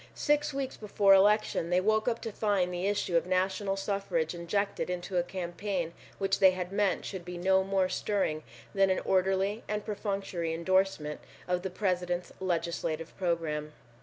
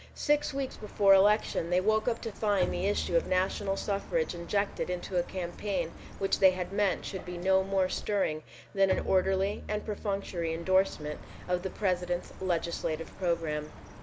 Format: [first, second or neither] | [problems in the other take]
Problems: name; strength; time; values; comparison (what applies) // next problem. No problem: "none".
first | background sound (Chirp, tweet + Bowed string instrument); 13 dB below the speech